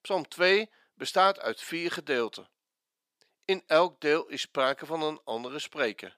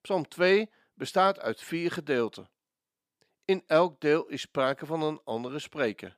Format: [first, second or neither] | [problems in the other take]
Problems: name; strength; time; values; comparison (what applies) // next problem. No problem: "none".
second | thin; very slightly; fading below 1 kHz